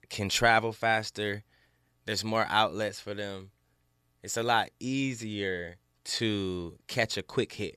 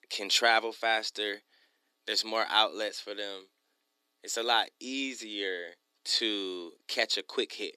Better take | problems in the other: first | thin; somewhat; fading below 250 Hz

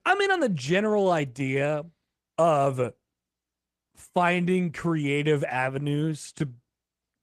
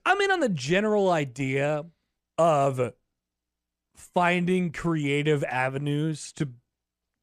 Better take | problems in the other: second | garbled, watery; slightly; nothing above 14 kHz

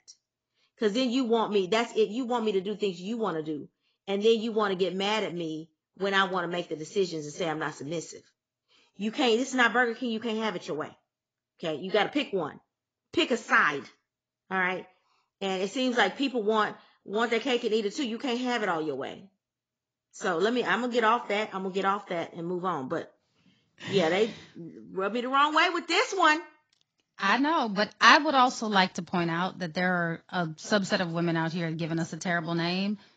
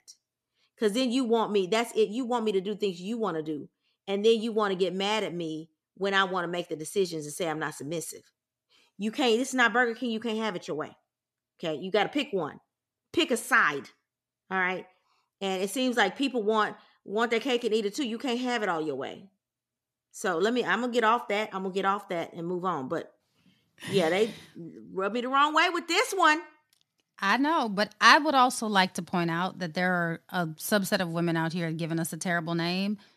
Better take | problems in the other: second | garbled, watery; badly; nothing above 7.5 kHz

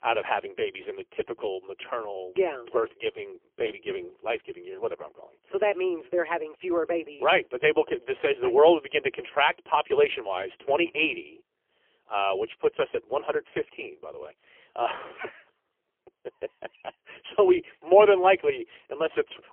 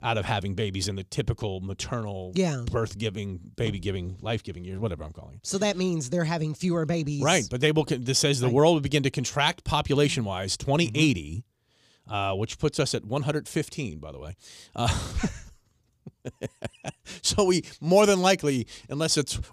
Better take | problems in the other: second | phone-call audio; poor line; nothing above 3 kHz

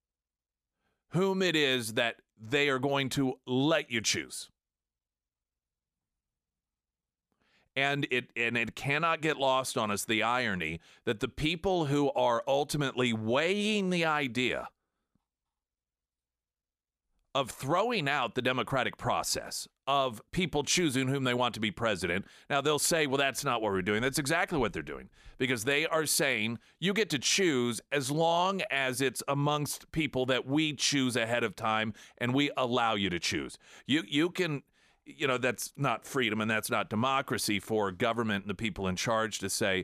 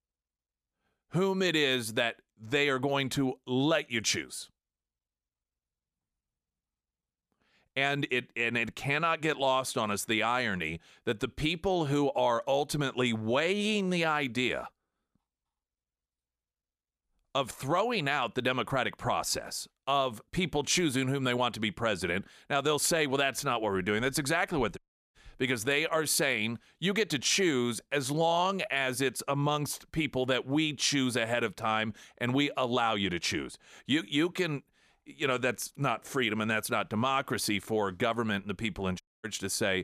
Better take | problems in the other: first | audio cutting out; at 25 s and at 39 s

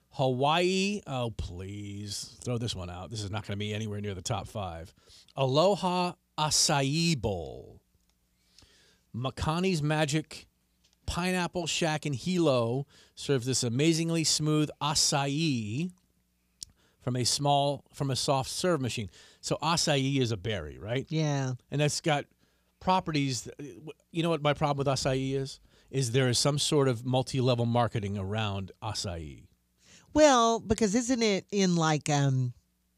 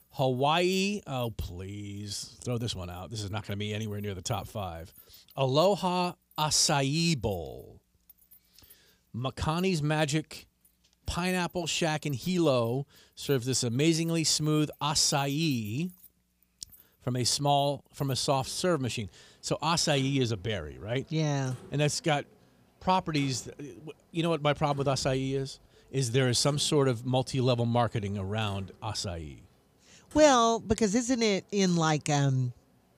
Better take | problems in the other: first | household noises; faint; throughout; 25 dB below the speech

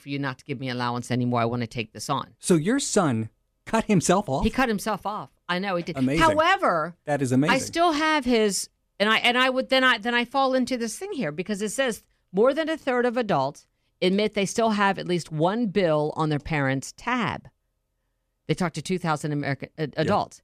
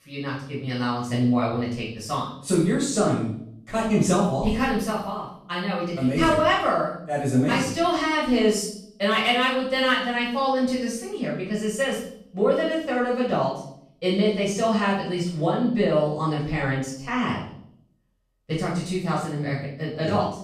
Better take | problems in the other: first | room echo; noticeable; dies away in 0.6 s // off-mic speech; far

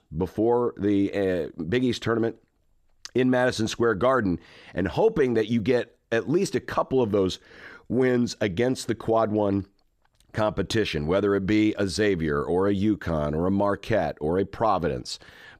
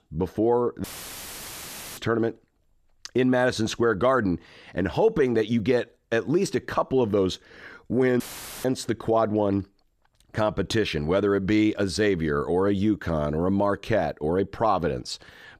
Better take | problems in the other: first | audio cutting out; filled with static; at 1 s for 1 s and at 8 s

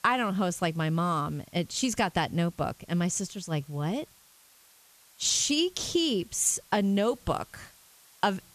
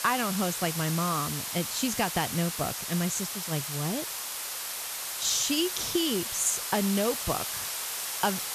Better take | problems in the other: first | hiss; loud; throughout; 2 dB below the speech; faint in the first

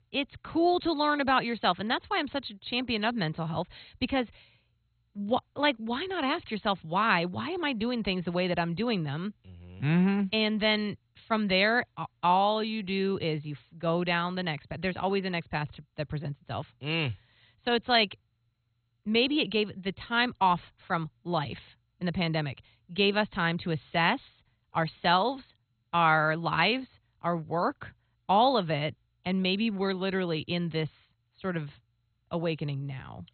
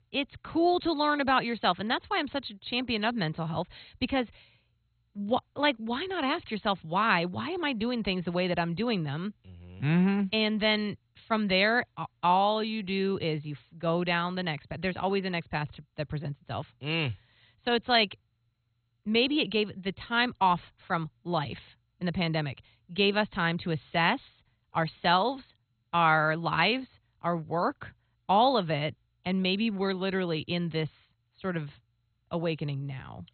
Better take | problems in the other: neither | garbled, watery; badly; nothing above 4 kHz; the same in both

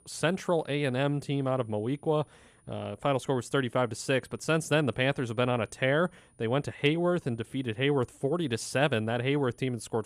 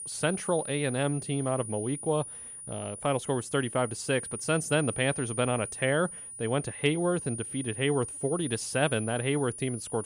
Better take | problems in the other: first | high-pitched whine; loud; throughout; 9.5 kHz, 8 dB below the speech; faint in the first

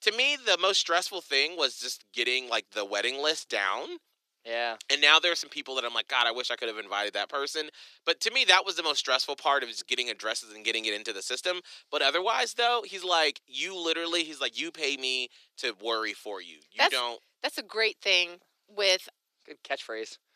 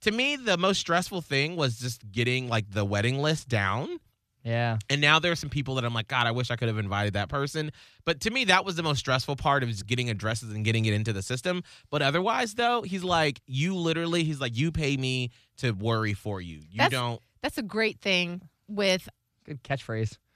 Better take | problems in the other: second | thin; very; fading below 350 Hz

